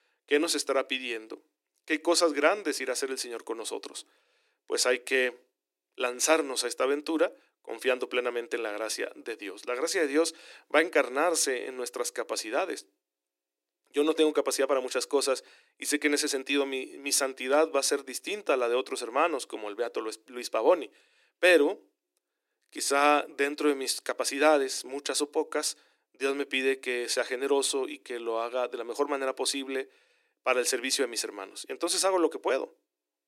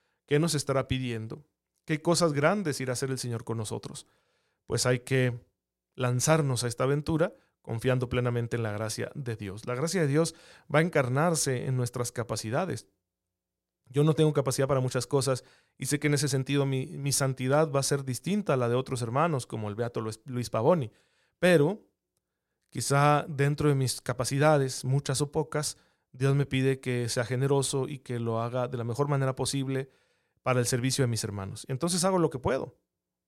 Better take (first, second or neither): second